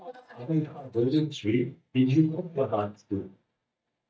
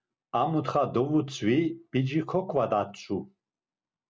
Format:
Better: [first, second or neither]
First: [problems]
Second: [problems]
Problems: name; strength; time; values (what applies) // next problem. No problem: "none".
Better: second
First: noise reduction (neural mask model DeepFilterNet 3)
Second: none